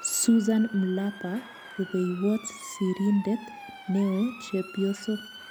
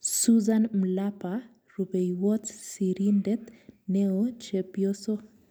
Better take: second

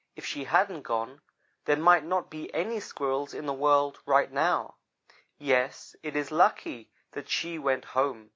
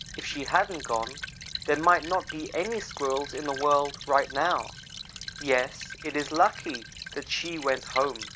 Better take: first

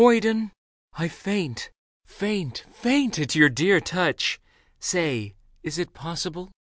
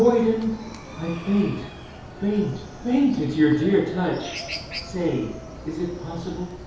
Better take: first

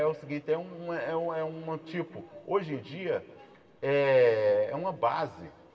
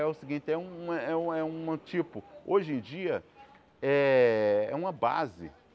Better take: second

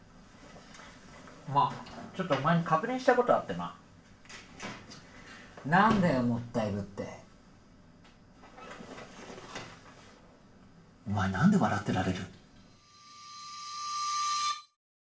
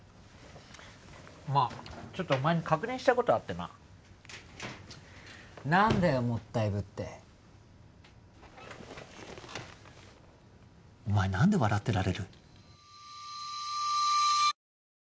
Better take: second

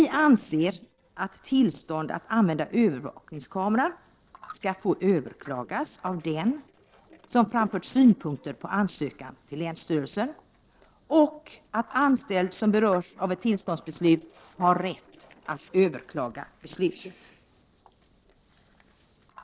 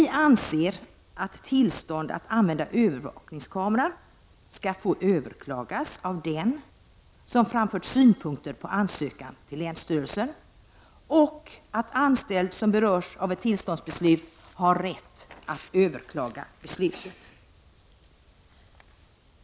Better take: second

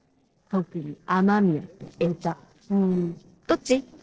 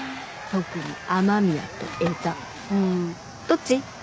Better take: second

